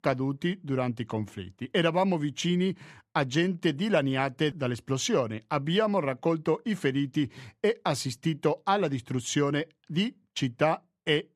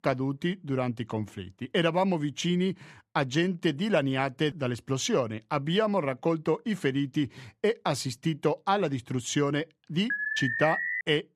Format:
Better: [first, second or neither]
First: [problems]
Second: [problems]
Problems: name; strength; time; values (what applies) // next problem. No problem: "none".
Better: first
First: none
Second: alarm; noticeable; at 10 s; peak level with the speech